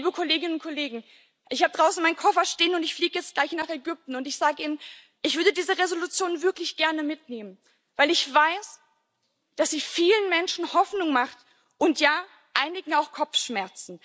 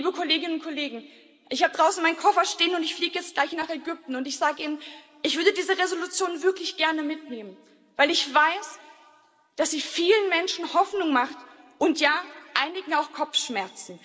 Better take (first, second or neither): first